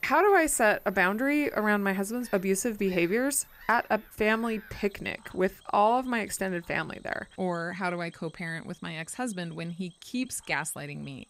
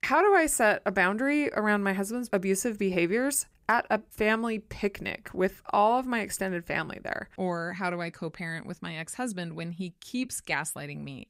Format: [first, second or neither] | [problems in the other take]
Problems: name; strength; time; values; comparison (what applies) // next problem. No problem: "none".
second | animal sounds; faint; throughout; 25 dB below the speech